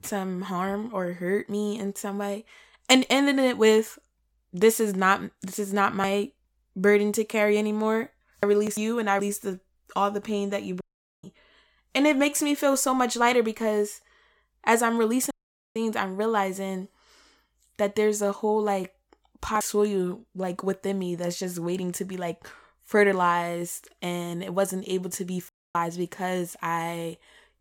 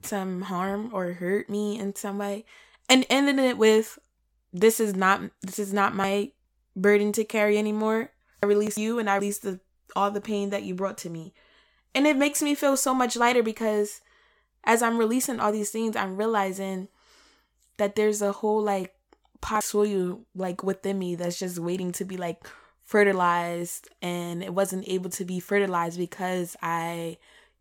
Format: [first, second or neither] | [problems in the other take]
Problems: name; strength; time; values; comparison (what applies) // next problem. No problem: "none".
second | audio cutting out; at 11 s, at 15 s and at 25 s